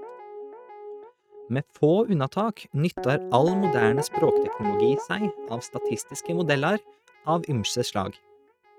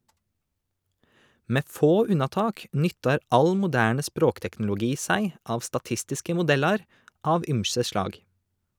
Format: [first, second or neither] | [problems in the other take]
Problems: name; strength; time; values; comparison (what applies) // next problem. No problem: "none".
second | noise reduction (neural mask model RNNoise)